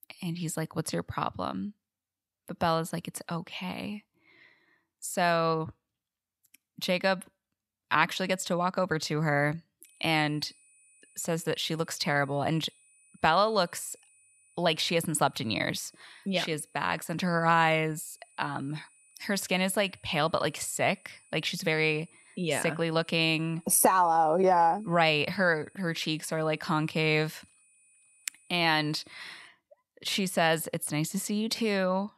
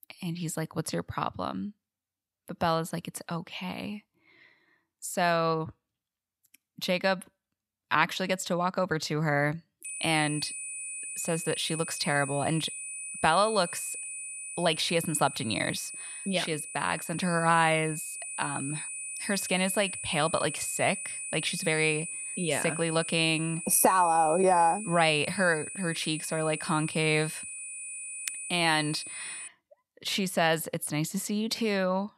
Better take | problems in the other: first | high-pitched whine; loud; from 10 to 29 s; 9.5 kHz, 8 dB below the speech; faint in the first

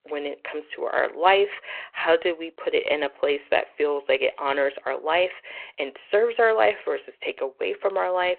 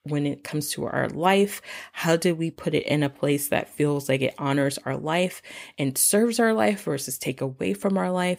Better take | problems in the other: second | phone-call audio

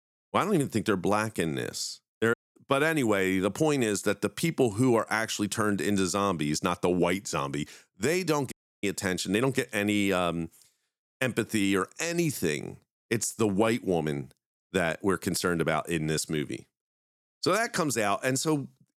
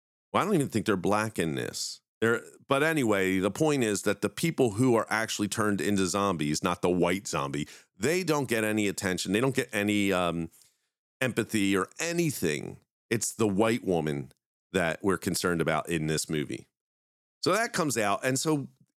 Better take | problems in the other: second | audio cutting out; at 2.5 s and at 8.5 s

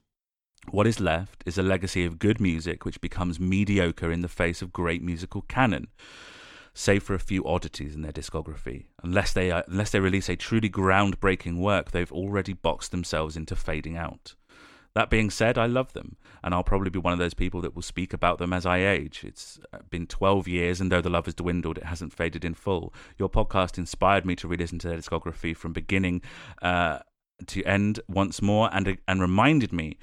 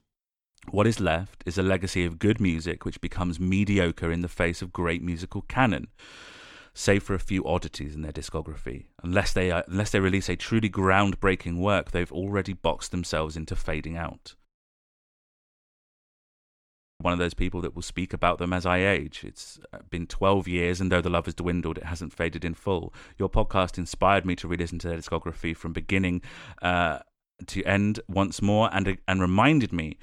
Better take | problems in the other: first | audio cutting out; at 14 s for 2.5 s

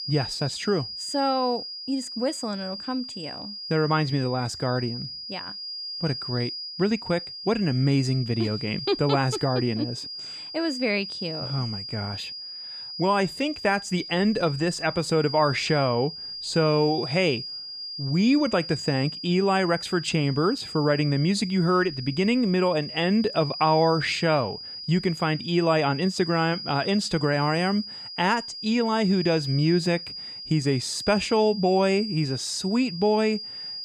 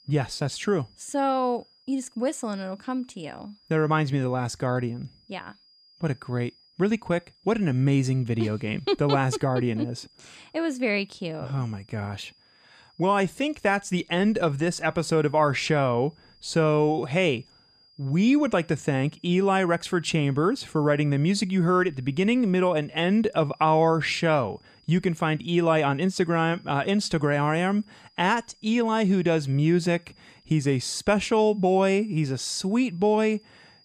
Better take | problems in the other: second | high-pitched whine; loud; throughout; 5 kHz, 9 dB below the speech; faint in the second

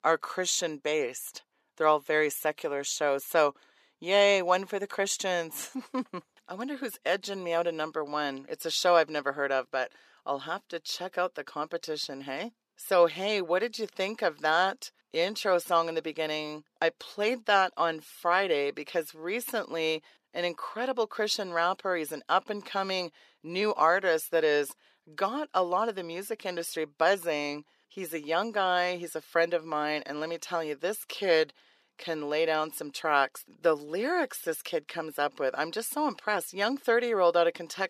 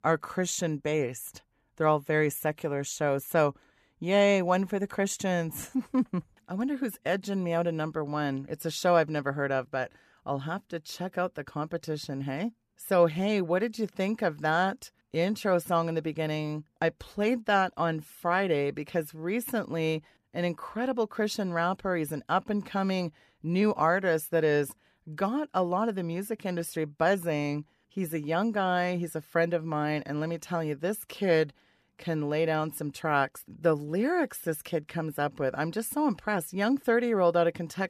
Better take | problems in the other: second | thin; somewhat; fading below 400 Hz

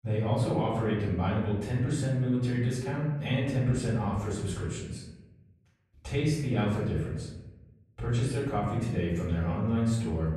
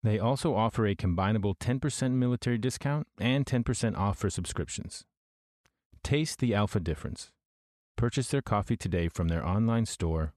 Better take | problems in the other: second | off-mic speech; far // room echo; noticeable; dies away in 1 s

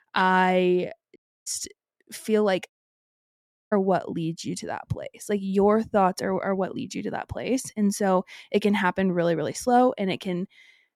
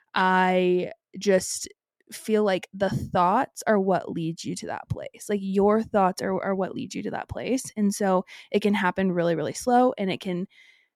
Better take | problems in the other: second | audio cutting out; at 1 s and at 2.5 s for 1 s

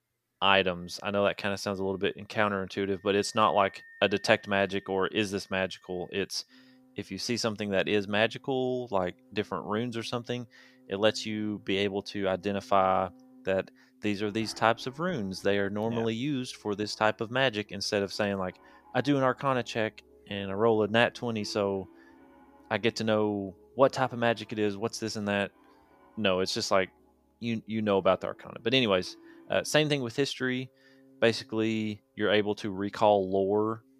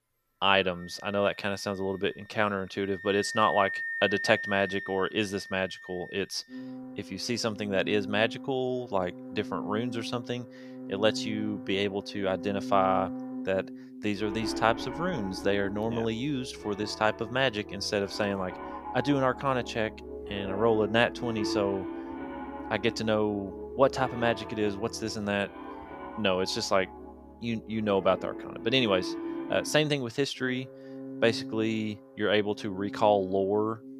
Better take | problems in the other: first | background music; loud; throughout; 10 dB below the speech; faint in the first

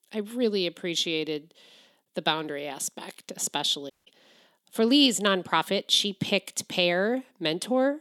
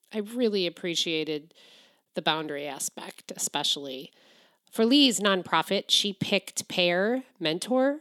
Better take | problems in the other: second | audio cutting out; at 4 s

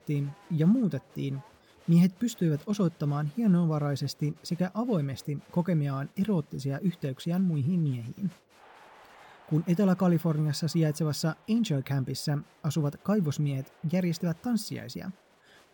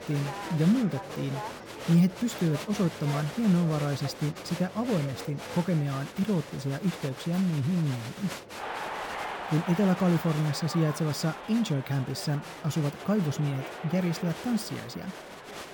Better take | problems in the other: first | crowd noise; loud; throughout; 10 dB below the speech; faint in the first

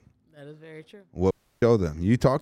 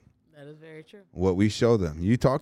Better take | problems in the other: second | audio cutting out; at 1.5 s

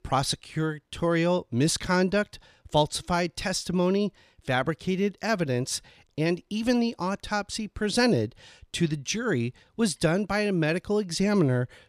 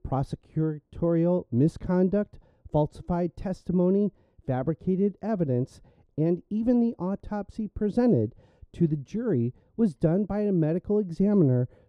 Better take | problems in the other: first | muffled; very; fading above 1 kHz

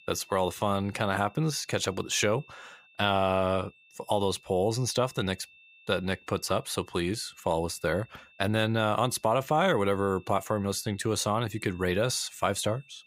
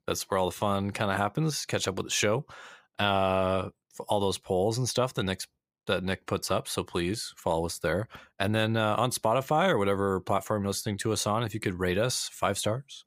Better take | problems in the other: second | high-pitched whine; faint; throughout; 2.5 kHz, 25 dB below the speech

